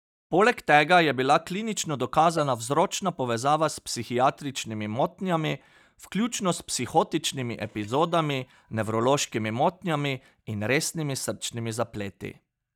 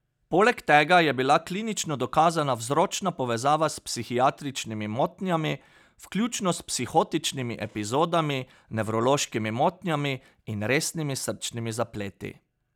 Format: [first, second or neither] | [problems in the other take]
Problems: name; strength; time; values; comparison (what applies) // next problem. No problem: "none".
second | noise reduction (neural mask model DeepFilterNet 3)